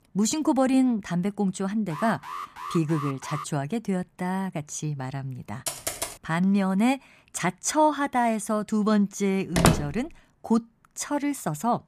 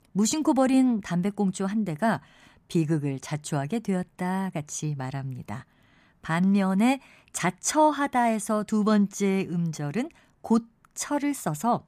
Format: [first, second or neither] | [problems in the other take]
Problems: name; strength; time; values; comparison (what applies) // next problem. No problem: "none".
second | alarm; noticeable; from 2 to 3.5 s; peak 9 dB below the speech // keyboard typing; noticeable; at 5.5 s; peak 4 dB below the speech // door banging; loud; at 9.5 s; peak 4 dB above the speech